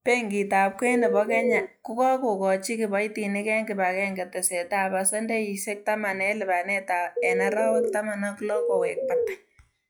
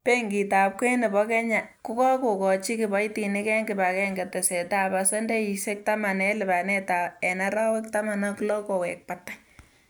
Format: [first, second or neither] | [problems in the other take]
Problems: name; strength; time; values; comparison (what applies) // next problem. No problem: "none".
second | noise reduction (classical method log-MMSE)